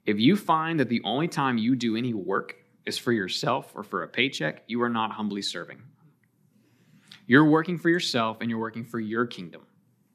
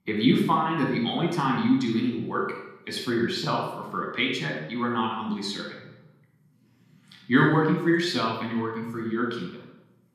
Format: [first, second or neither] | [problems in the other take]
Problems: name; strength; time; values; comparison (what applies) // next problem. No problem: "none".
first | off-mic speech; somewhat distant // room echo; noticeable; dies away in 0.7 s